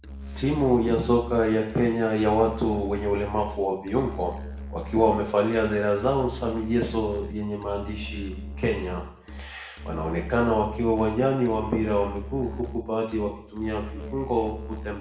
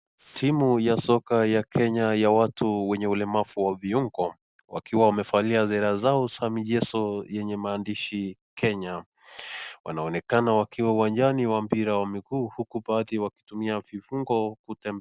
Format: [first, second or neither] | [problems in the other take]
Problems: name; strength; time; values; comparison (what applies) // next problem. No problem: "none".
second | background sound (Musical instrument); 11 dB below the speech // room echo; dies away in 0.8 s